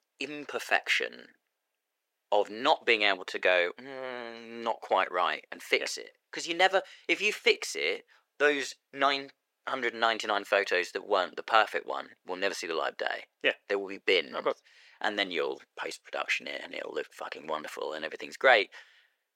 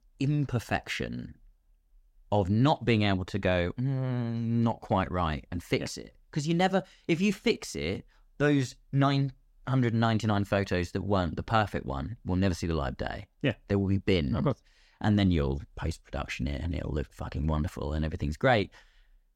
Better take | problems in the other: second | thin; very; fading below 450 Hz

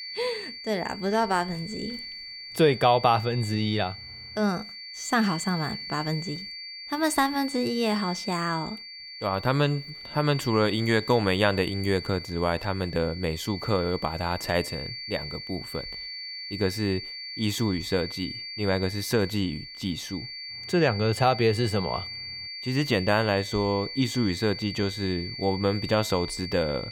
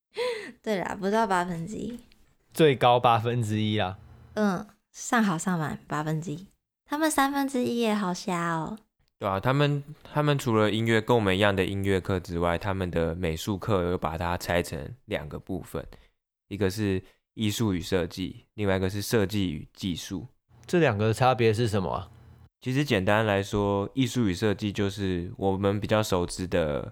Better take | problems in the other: second | high-pitched whine; loud; throughout; 4.5 kHz, 9 dB below the speech

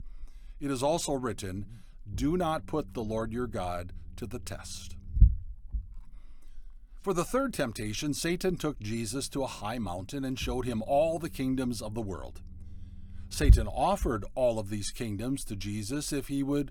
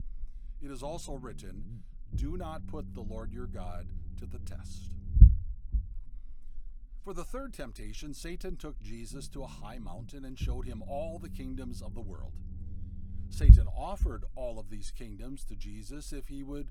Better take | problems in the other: first | low rumble; loud; throughout; 5 dB below the speech; faint in the first

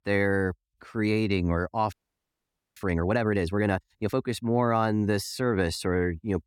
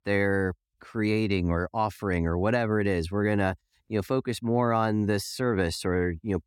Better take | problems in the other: second | audio freezing; at 2 s for 1 s

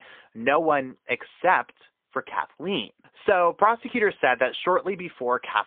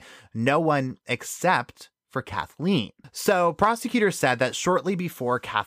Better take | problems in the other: second | phone-call audio; poor line; nothing above 3.5 kHz

